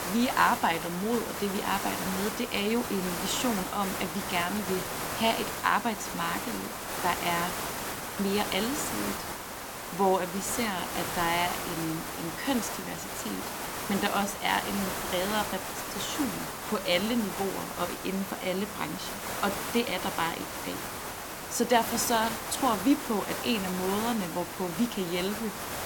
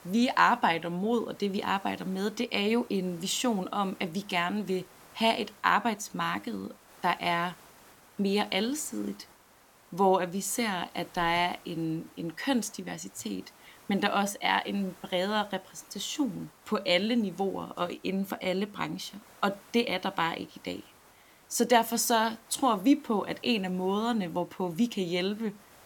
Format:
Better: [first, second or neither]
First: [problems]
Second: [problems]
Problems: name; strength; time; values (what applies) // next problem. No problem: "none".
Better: second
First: hiss; loud; throughout; 4 dB below the speech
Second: hiss; faint; throughout; 25 dB below the speech